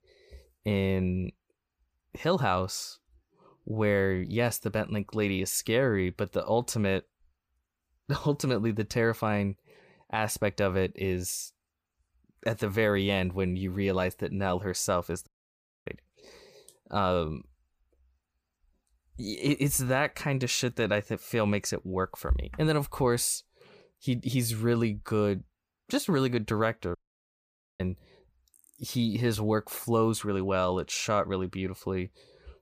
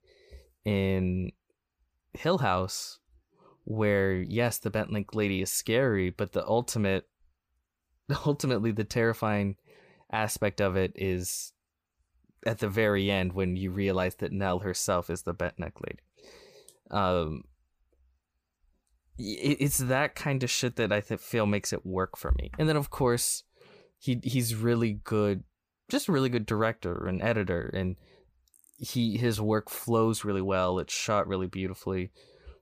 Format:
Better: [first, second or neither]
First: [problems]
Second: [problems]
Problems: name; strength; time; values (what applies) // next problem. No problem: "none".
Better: second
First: audio cutting out; at 15 s for 0.5 s and at 27 s for 1 s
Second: none